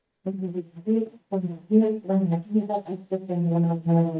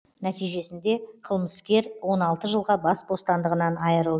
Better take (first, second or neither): second